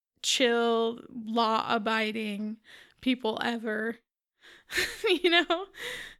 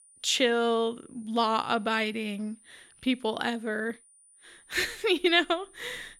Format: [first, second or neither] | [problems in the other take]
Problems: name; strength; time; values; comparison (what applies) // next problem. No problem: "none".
first | high-pitched whine; faint; throughout; 9.5 kHz, 30 dB below the speech